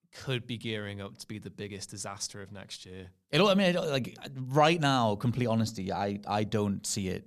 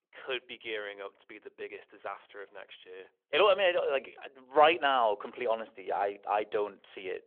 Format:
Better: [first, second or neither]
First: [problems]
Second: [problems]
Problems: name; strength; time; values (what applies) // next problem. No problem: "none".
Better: first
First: none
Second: phone-call audio; nothing above 3.5 kHz